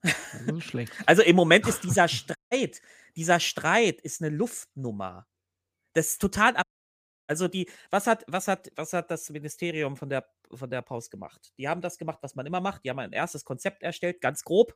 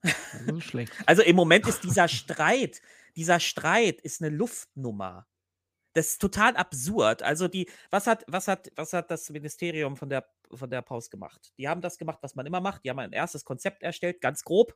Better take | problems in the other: second | audio cutting out; at 2.5 s and at 6.5 s for 0.5 s

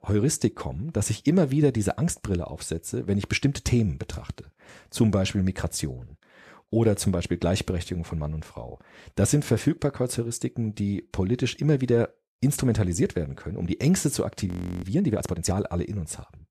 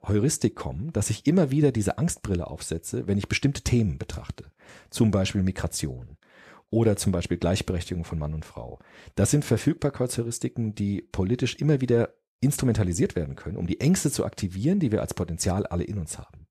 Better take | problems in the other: second | audio freezing; at 14 s

